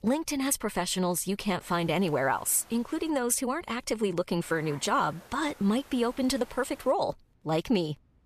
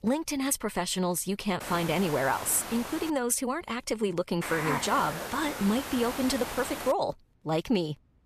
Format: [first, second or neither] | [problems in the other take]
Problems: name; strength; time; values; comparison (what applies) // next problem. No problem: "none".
first | hiss; loud; from 1.5 to 3 s and from 4.5 to 7 s; 7 dB below the speech; faint in the first